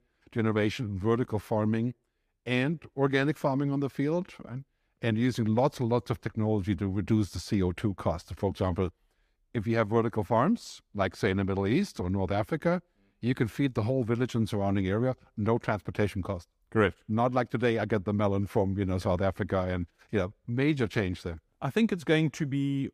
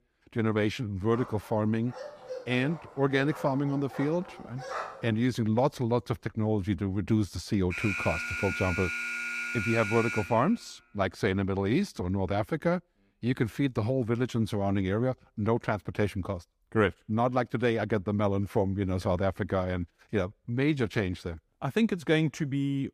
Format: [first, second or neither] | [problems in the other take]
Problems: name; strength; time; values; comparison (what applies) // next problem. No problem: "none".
first | dog barking; noticeable; from 1 to 5 s; peak 7 dB below the speech // alarm; noticeable; from 7.5 to 11 s; peak 2 dB below the speech